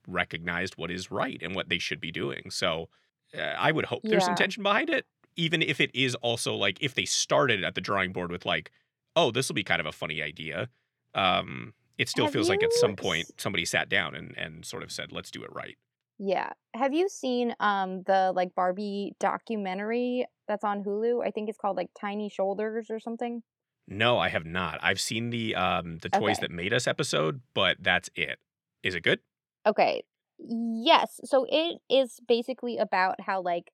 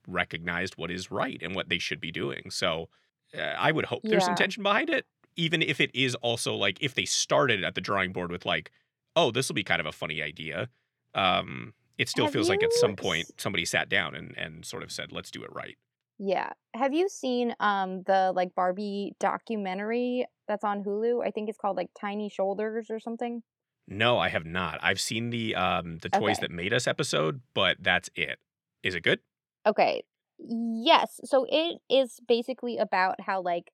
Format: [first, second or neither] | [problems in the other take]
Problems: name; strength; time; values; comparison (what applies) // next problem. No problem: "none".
neither | none